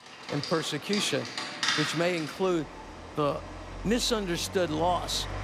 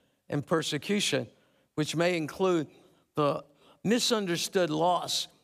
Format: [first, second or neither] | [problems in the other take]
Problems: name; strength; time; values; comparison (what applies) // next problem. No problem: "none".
second | rain or running water; loud; throughout; 6 dB below the speech